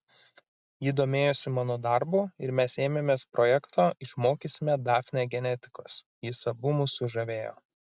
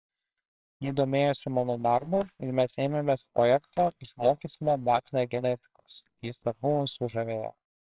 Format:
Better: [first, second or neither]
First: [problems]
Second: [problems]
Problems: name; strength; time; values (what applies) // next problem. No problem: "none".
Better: first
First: none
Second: noise reduction (neural separator model SepFormer WHAMR!)